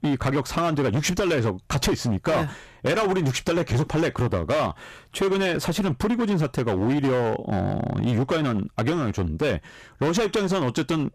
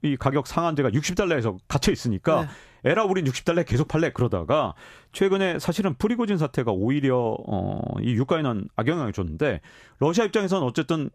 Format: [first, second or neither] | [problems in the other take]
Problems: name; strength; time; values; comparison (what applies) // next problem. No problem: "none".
second | distortion; heavy; 18% of the sound clipped